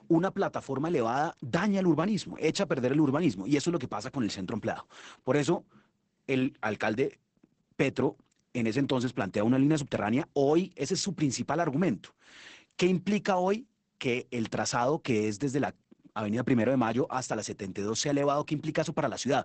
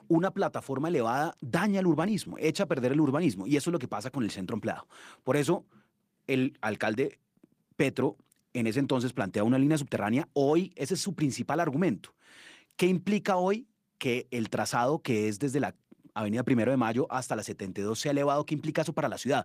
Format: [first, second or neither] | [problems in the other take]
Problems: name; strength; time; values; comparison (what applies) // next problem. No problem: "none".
second | garbled, watery; badly; nothing above 8 kHz; slightly in the second